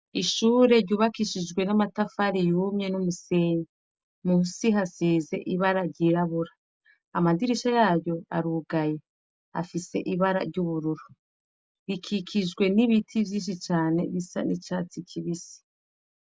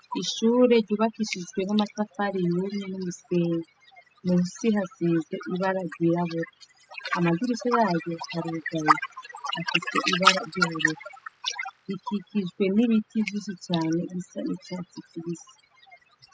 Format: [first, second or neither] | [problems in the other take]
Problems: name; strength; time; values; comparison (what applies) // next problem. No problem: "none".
first | noise reduction (classical method spectral subtraction)